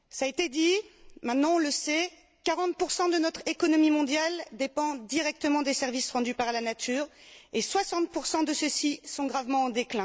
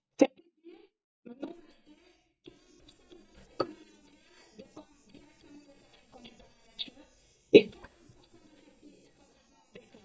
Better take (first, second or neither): first